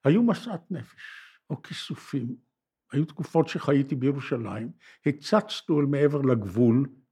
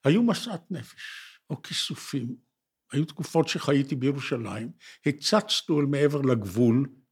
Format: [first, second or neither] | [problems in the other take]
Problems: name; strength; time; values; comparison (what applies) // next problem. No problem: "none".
second | muffled; slightly; fading above 2.5 kHz